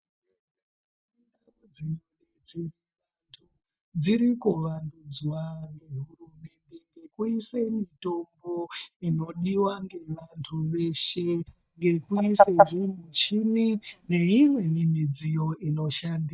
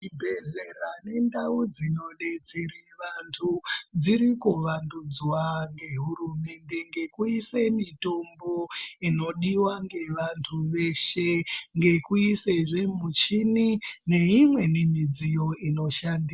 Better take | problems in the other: second | noise reduction (neural mask model DeepFilterNet 3)

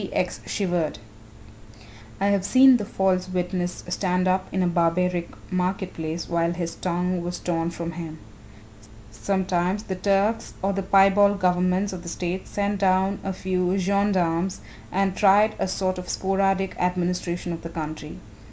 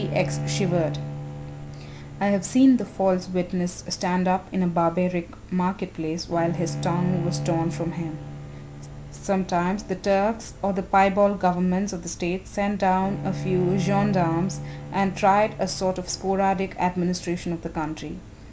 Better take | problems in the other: first | background sound (Bowed string instrument); 10 dB below the speech

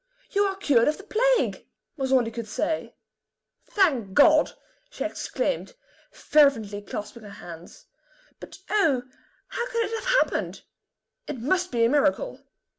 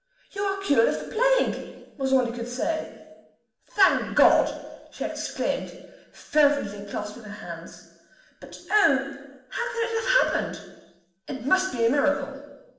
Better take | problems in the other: first | room echo; dies away in 1.1 s

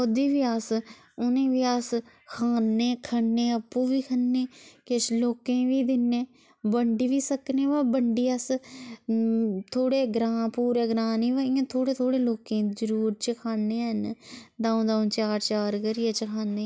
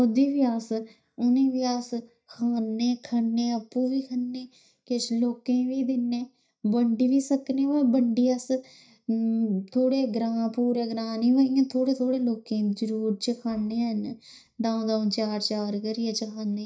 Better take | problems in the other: first | noise reduction (neural mask model DeepFilterNet 3)

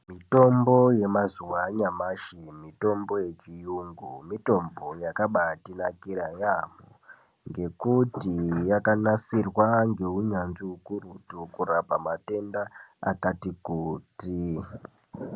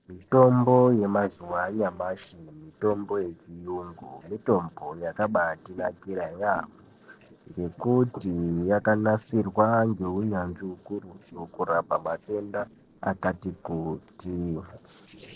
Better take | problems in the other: first | noise reduction (neural separator model SepFormer DNS4)

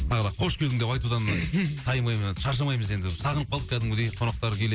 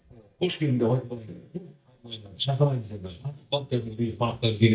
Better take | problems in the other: first | noise reduction (neural mask model DeepFilterNet 3)

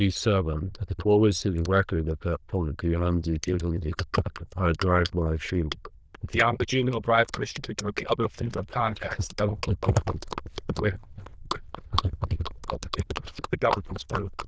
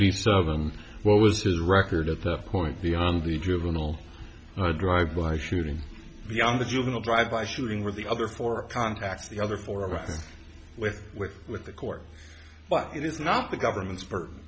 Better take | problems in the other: second | noise reduction (neural diffusion model UNIVERSE++)

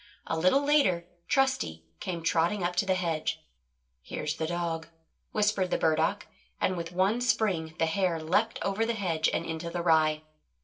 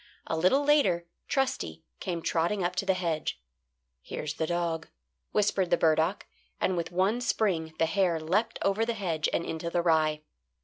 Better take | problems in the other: second | room echo; dies away in 0.2 s

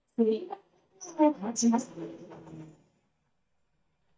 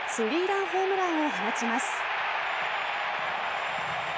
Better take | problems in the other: second | noise reduction (neural mask model DeepFilterNet 3)

